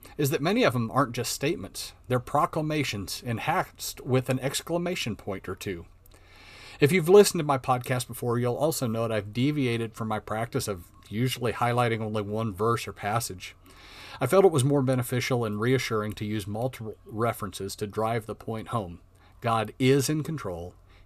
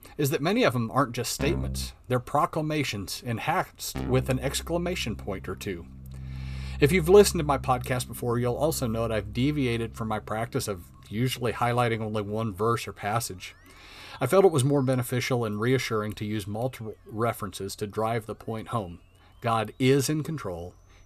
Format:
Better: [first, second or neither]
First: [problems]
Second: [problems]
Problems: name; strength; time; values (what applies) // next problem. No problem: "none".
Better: first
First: none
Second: background music; noticeable; throughout; 10 dB below the speech